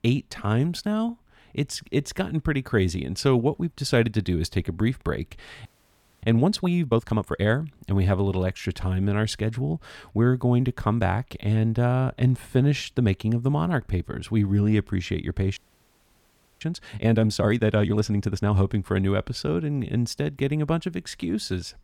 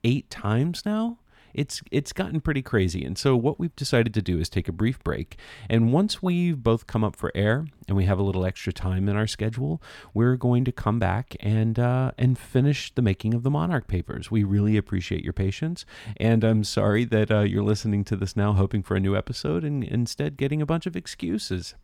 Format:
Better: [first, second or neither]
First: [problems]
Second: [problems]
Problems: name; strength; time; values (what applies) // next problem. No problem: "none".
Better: second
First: audio freezing; at 5.5 s for 0.5 s and at 16 s for 1 s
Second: none